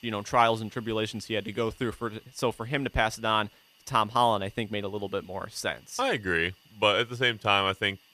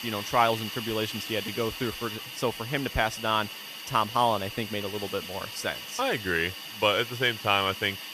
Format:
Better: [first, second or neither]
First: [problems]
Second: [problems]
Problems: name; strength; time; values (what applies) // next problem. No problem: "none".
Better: first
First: hiss; faint; throughout; 30 dB below the speech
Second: hiss; loud; throughout; 8 dB below the speech